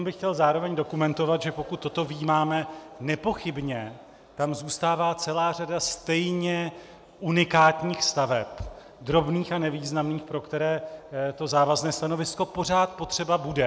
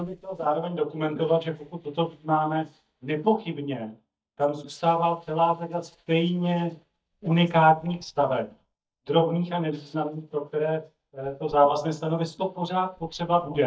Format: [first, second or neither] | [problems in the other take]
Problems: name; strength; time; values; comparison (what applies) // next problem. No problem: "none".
first | noise reduction (neural mask model DeepFilterNet 3)